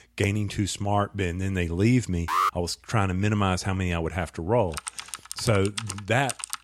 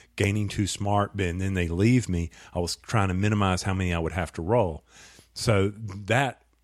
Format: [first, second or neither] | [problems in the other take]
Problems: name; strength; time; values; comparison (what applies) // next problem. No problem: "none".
second | alarm; loud; at 2.5 s; peak 1 dB above the speech // keyboard typing; noticeable; from 4.5 s on; peak 6 dB below the speech